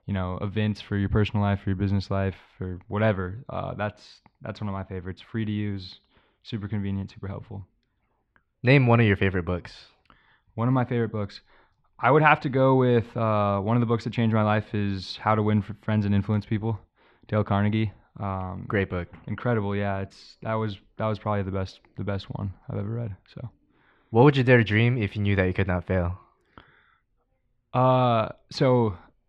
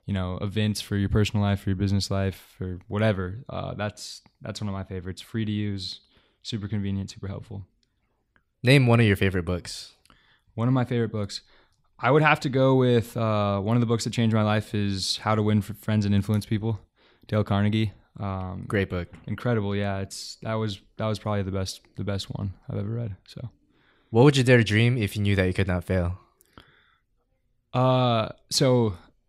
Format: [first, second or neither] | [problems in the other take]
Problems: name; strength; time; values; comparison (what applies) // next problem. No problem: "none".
second | muffled; slightly; fading above 2.5 kHz